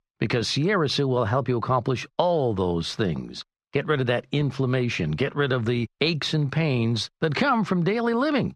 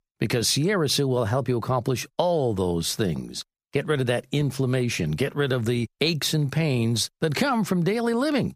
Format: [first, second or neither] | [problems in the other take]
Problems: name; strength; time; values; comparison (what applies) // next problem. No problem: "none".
second | muffled; very slightly; fading above 3.5 kHz